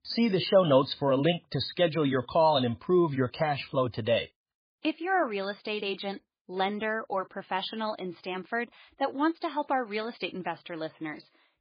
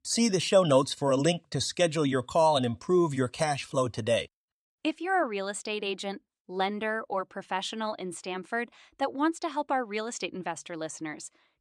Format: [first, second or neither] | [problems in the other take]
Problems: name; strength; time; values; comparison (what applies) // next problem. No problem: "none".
second | garbled, watery; badly; nothing above 5 kHz